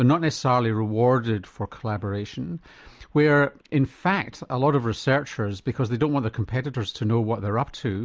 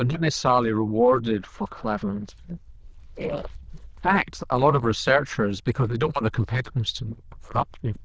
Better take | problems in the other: first | noise reduction (neural diffusion model UNIVERSE++)

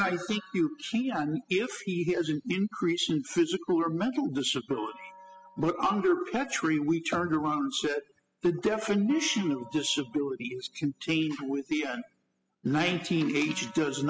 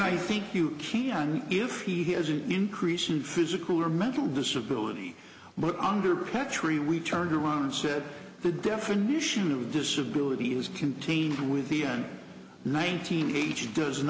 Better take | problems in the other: second | noise reduction (classical method spectral subtraction)

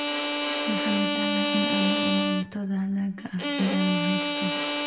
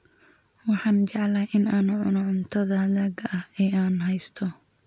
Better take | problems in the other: second | background sound (Bowed string instrument); 1 dB above the speech // room echo; dies away in 0.6 s

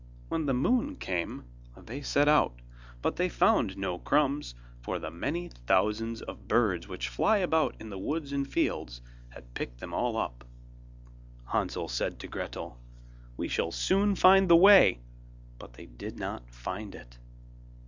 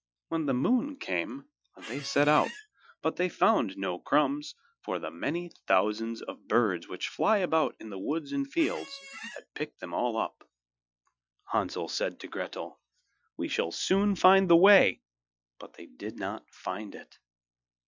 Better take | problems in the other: first | noise reduction (classical method Wiener filter)

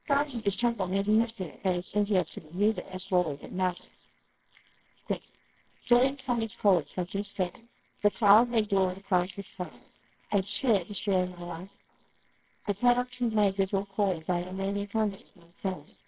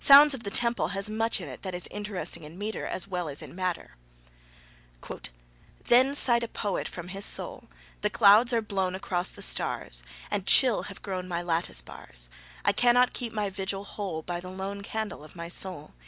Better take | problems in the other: second | noise reduction (neural separator model SepFormer WHAMR!)

